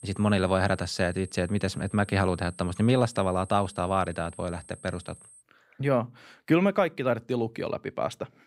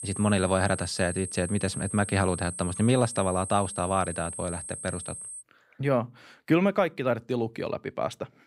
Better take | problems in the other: first | high-pitched whine; loud; until 5.5 s; 8.5 kHz, 8 dB below the speech; faint in the first

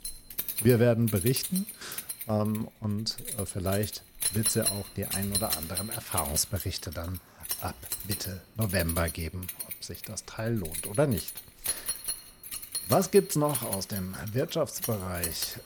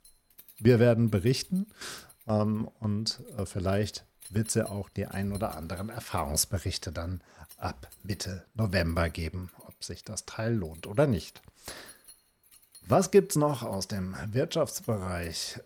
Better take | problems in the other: second | household noises; loud; throughout; 3 dB below the speech; faint in the second

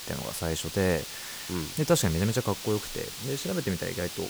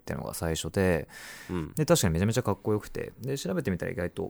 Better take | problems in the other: second | hiss; loud; throughout; 7 dB below the speech

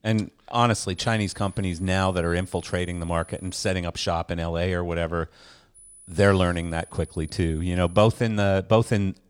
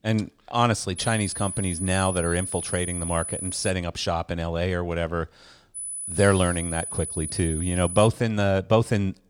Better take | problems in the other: first | high-pitched whine; loud; from 1 to 3.5 s and from 6 to 8 s; 10 kHz, 6 dB below the speech; faint in the first

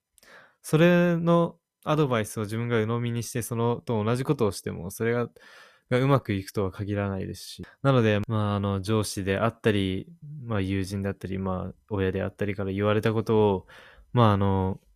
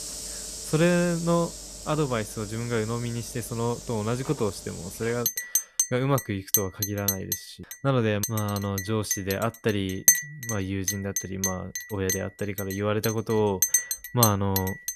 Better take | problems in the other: first | household noises; very loud; throughout; as loud as the speech

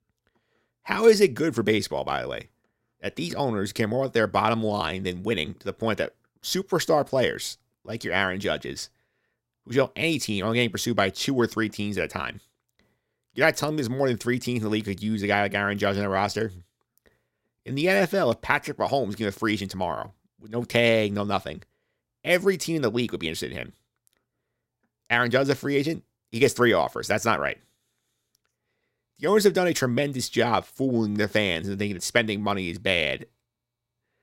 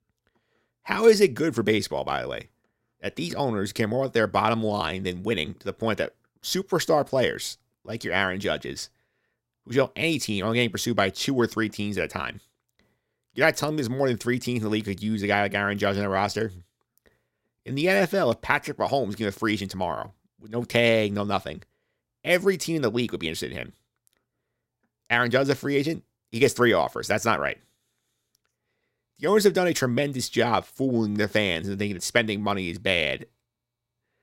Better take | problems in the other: neither | none

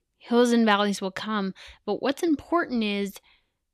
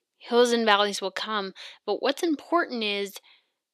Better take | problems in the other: first | thin; somewhat; fading below 400 Hz

